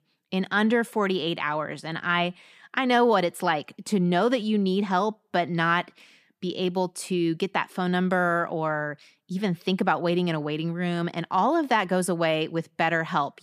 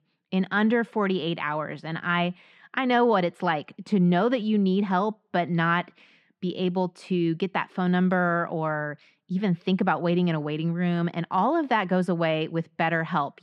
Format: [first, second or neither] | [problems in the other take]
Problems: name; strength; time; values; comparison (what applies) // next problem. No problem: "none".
first | muffled; very slightly; fading above 3.5 kHz